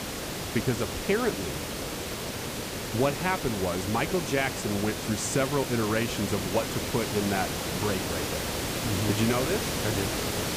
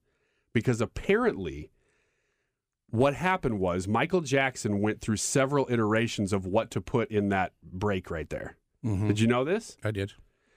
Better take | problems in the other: second | hiss; loud; throughout; 2 dB below the speech

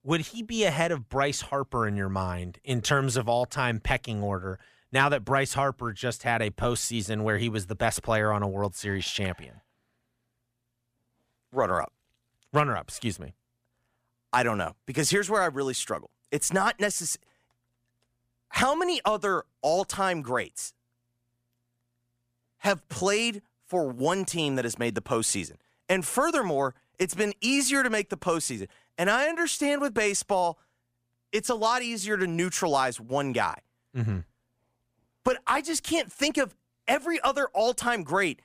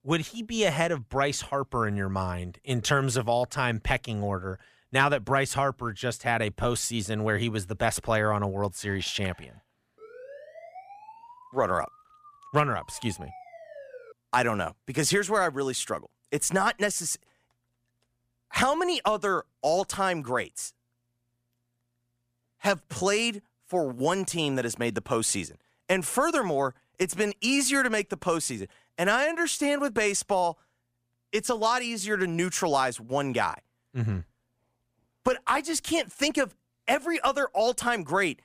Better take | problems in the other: first | siren; faint; from 10 to 14 s; peak 20 dB below the speech

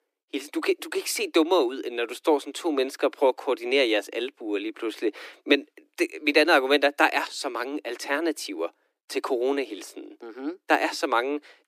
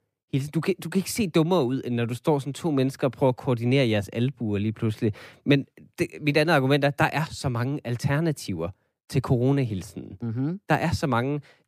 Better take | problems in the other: second | thin; somewhat; fading below 300 Hz

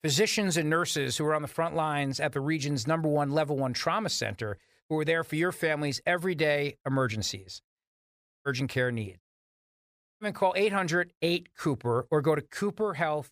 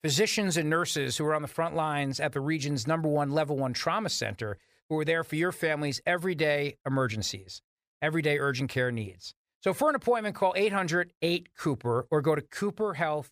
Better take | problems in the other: second | audio cutting out; at 8 s for 0.5 s and at 9 s for 1 s

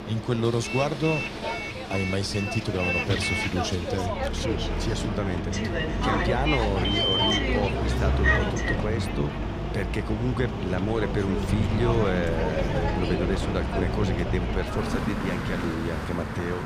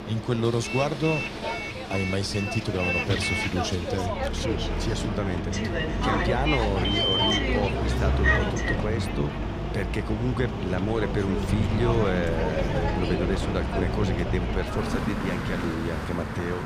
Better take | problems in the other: neither | traffic noise; very loud; throughout; 2 dB above the speech; the same in both

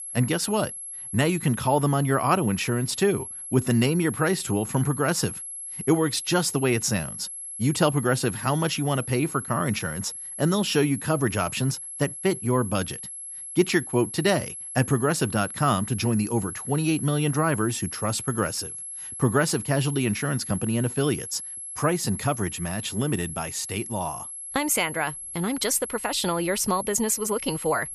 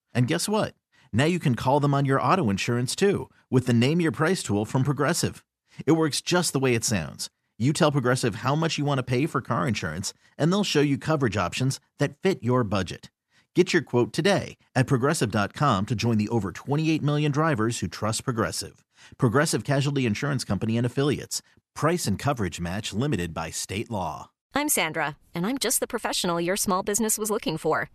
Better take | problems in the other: second | high-pitched whine; loud; throughout; 11 kHz, 9 dB below the speech

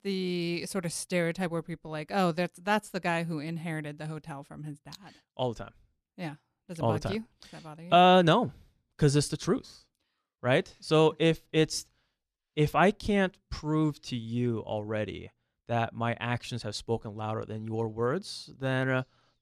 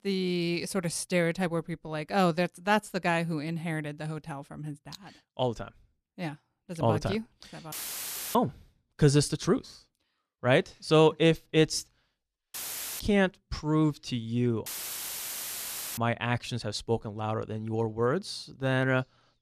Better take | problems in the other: first | audio cutting out; filled with static; at 7.5 s for 0.5 s, at 13 s and at 15 s for 1.5 s

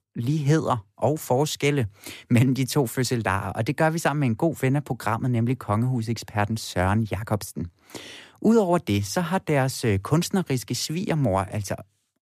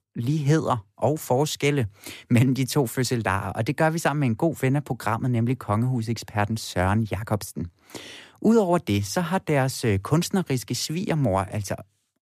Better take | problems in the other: neither | none

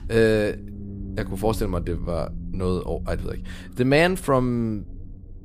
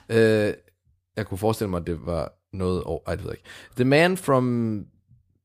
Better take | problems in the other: second | low rumble; faint; throughout; 20 dB below the speech

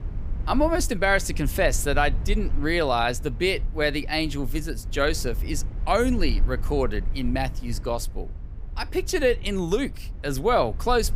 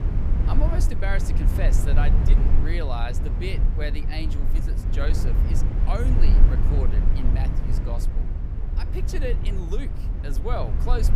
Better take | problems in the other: first | low rumble; loud; throughout; 4 dB below the speech; faint in the first

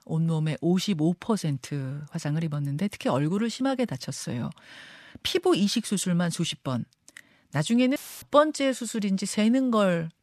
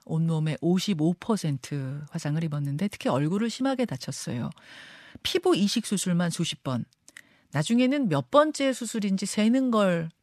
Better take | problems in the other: second | audio cutting out; filled with static; at 8 s

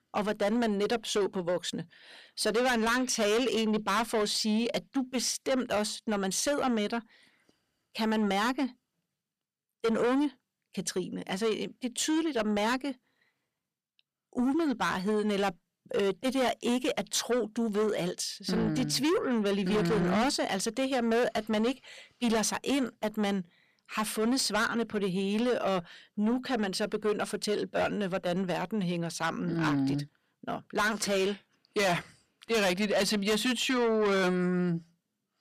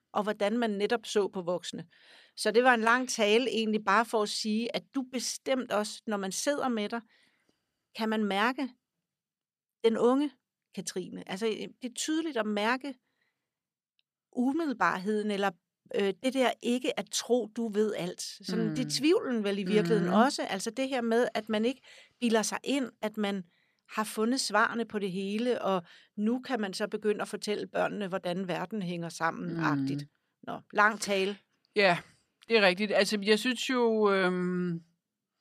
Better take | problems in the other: second | distortion; heavy; 7 dB below the speech

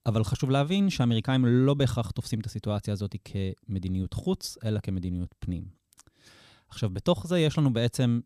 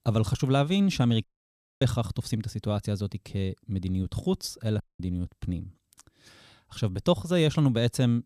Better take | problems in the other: first | audio cutting out; at 1 s for 0.5 s and at 5 s

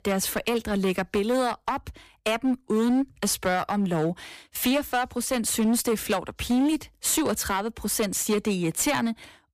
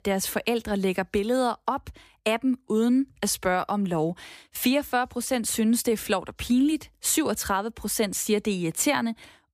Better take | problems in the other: second | distortion; slight; 12% of the sound clipped

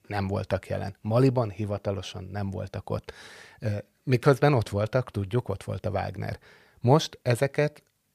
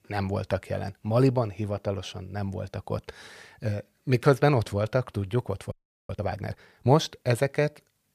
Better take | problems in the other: first | audio freezing; at 5.5 s

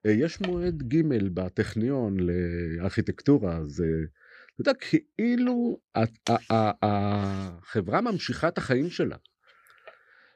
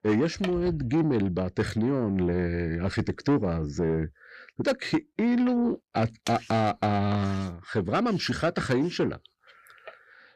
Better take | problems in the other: first | distortion; slight; 10 dB below the speech

